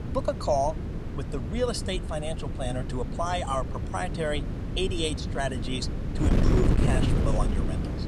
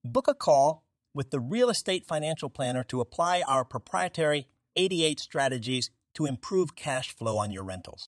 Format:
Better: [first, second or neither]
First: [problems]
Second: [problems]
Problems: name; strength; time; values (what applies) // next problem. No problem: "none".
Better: second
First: wind noise on the microphone; heavy; 6 dB below the speech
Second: none